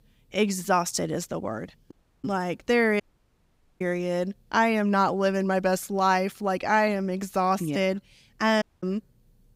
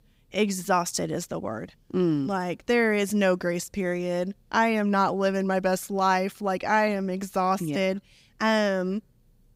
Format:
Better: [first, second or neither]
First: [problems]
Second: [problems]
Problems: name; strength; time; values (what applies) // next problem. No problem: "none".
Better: second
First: audio cutting out; at 2 s, at 3 s for 1 s and at 8.5 s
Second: none